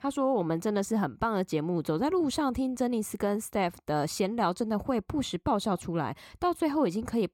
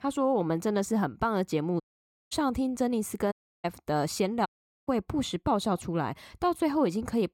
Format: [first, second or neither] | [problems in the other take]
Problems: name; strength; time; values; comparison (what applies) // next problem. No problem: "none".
first | audio cutting out; at 2 s for 0.5 s, at 3.5 s and at 4.5 s